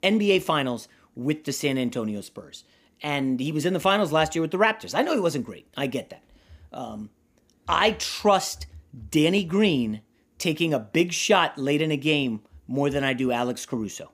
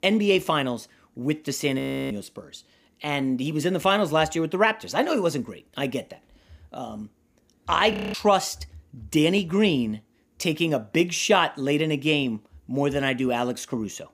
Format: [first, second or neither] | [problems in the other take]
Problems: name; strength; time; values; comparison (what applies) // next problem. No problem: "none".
first | audio freezing; at 2 s and at 8 s